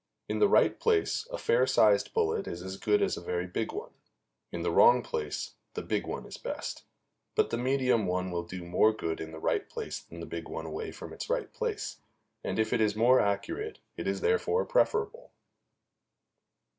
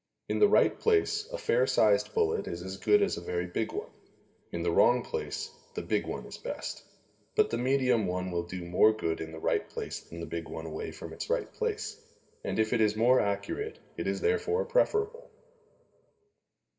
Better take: first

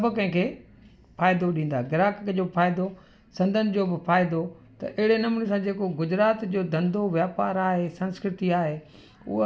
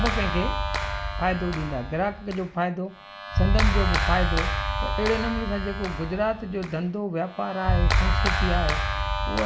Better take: first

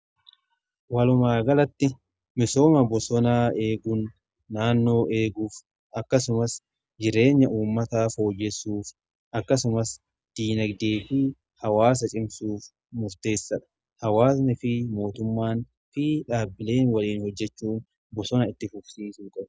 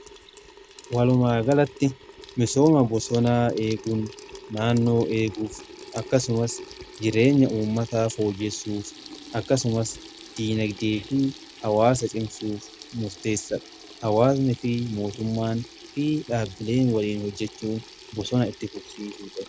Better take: first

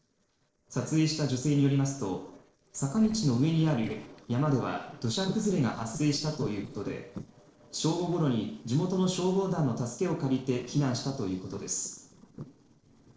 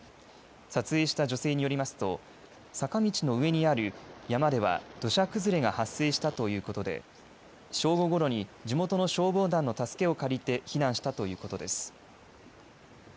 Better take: second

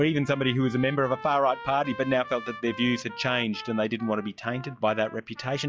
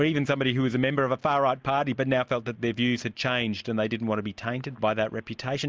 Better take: second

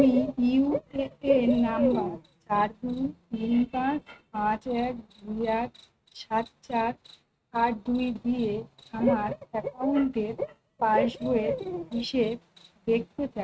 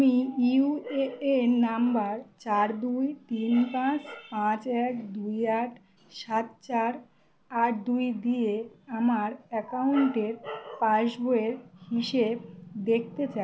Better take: second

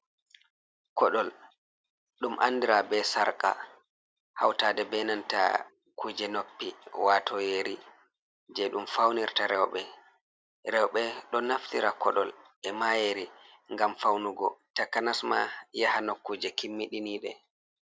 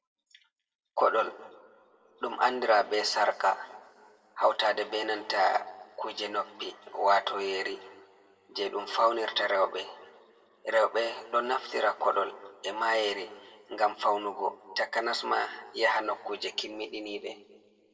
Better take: first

